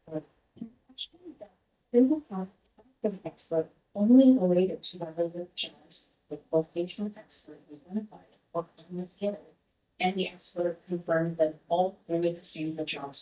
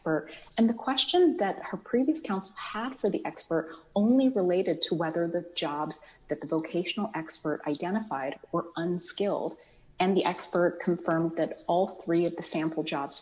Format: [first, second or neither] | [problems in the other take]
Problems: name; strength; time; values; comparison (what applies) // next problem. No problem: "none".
second | noise reduction (neural mask model DeepFilterNet 3)